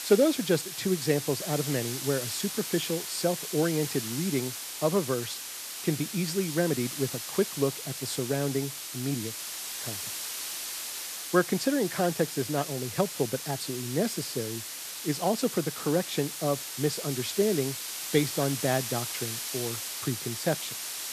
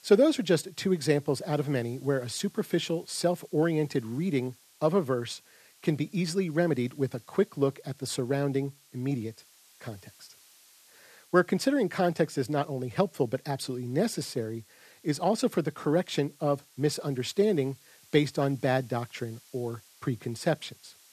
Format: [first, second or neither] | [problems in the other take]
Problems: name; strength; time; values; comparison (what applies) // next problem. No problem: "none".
second | hiss; loud; throughout; 4 dB below the speech; faint in the second